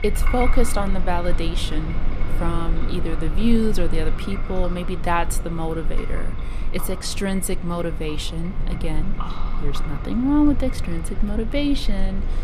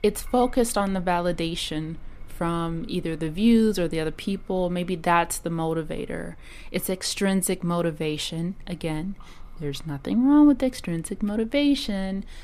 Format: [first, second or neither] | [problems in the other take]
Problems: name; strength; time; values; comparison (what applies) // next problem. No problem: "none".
second | rain or running water; loud; throughout; 4 dB below the speech; faint in the second